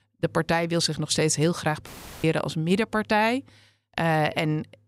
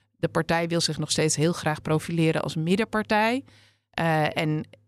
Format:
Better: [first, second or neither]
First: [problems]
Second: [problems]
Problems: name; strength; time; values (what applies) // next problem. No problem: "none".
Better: second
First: audio cutting out; filled with static; at 2 s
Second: none